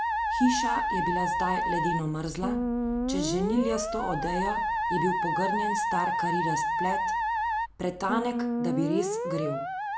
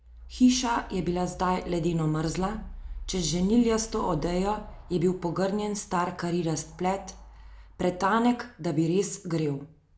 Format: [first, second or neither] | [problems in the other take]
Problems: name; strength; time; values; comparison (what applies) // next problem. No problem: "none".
second | background sound (Musical instrument); 2 dB above the speech